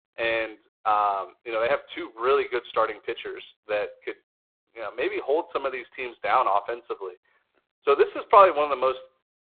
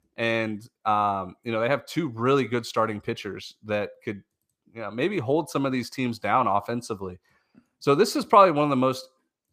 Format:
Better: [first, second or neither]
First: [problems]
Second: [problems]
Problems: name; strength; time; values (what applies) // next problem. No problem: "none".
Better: second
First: phone-call audio; poor line; nothing above 4 kHz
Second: none